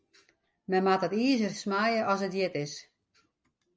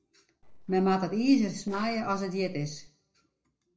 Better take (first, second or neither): first